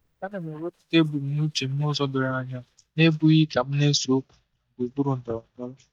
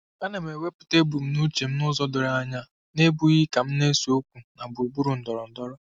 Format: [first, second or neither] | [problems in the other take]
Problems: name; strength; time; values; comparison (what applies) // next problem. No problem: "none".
second | noise reduction (neural mask model DeepFilterNet 3)